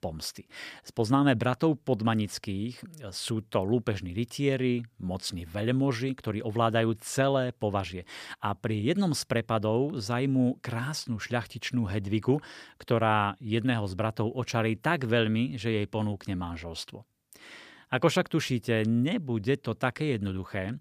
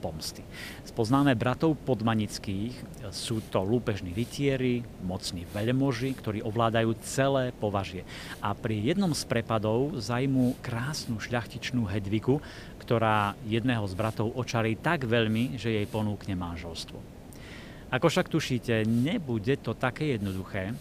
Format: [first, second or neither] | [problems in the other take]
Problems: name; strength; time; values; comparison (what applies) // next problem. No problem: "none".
first | hiss; noticeable; throughout; 15 dB below the speech